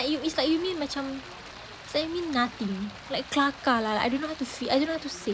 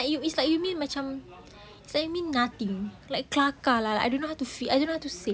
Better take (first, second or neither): second